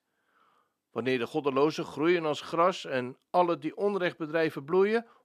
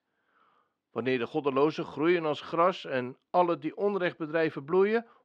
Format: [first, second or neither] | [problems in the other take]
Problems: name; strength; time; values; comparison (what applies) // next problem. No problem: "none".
first | muffled; very slightly; fading above 3.5 kHz